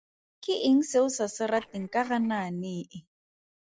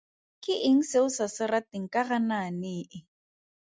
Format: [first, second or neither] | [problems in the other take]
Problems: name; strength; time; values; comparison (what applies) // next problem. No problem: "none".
second | noise reduction (neural separator model SepFormer DNS4)